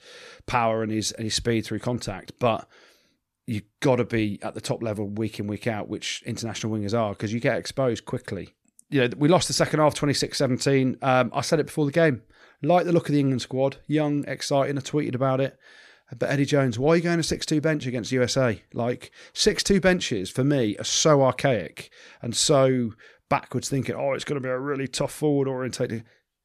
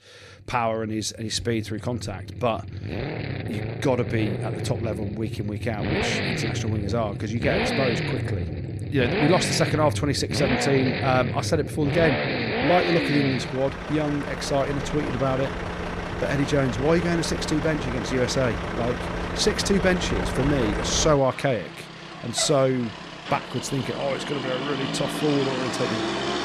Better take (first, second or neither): first